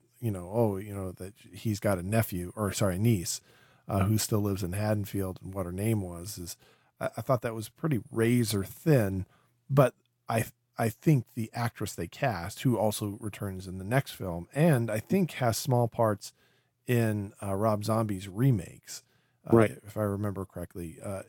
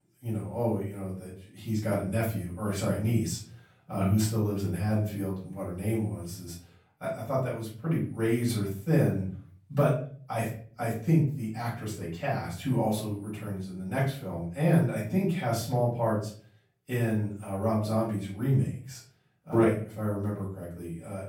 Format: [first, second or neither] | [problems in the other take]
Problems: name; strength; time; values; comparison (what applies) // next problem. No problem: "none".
first | off-mic speech; far // room echo; slight; dies away in 0.4 s